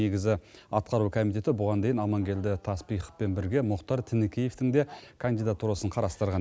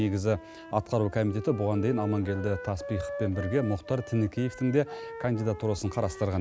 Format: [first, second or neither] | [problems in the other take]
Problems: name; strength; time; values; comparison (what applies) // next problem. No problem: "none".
first | background sound (Wind instrument, woodwind instrument); 13 dB below the speech